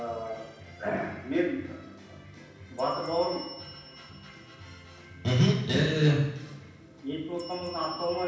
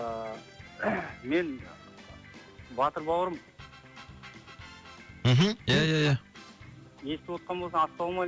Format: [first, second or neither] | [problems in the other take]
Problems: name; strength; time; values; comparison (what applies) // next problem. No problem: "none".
second | background sound (Bell); 19 dB below the speech // room echo; dies away in 0.9 s